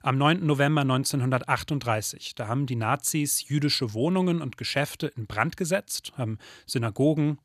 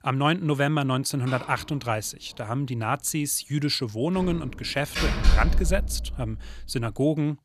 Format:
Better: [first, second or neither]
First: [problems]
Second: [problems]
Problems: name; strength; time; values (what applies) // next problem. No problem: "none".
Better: first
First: none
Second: door banging; loud; from 4.5 to 6 s; peak 3 dB above the speech